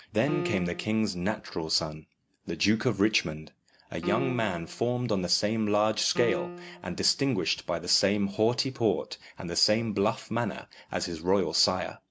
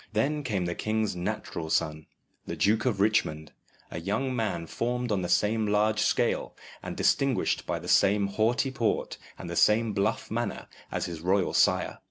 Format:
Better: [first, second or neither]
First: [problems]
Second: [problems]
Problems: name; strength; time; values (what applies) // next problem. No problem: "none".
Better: second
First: background sound (Piano); 9 dB below the speech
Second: none